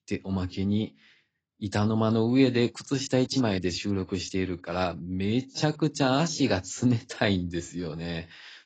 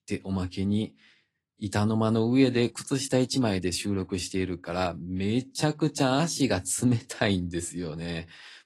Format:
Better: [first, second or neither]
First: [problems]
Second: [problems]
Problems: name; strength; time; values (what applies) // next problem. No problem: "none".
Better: second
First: garbled, watery; badly; nothing above 7.5 kHz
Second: garbled, watery; slightly; nothing above 11.5 kHz